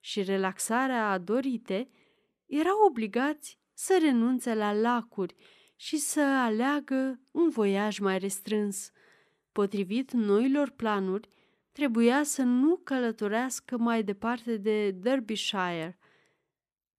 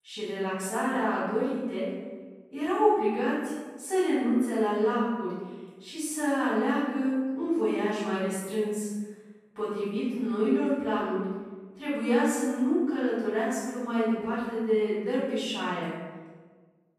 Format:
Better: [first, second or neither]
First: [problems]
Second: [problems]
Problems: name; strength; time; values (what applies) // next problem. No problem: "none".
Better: first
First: none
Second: off-mic speech; far // room echo; strong; dies away in 1.2 s